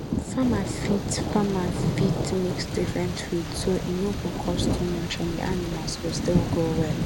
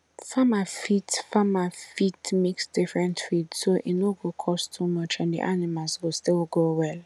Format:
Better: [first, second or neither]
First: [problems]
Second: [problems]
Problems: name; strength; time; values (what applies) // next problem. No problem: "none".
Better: second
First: background sound (Thunder); 1 dB above the speech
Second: none